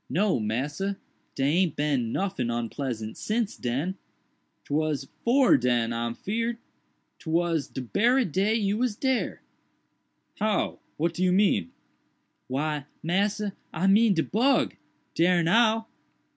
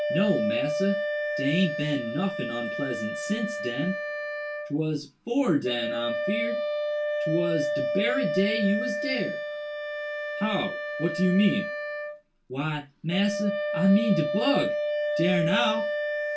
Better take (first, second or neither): first